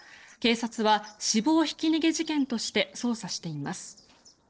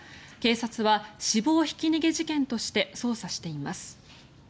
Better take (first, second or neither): second